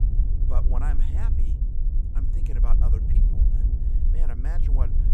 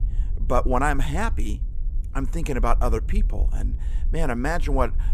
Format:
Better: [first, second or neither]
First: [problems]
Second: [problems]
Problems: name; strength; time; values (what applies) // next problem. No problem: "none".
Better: second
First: low rumble; loud; throughout; 2 dB below the speech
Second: low rumble; faint; throughout; 25 dB below the speech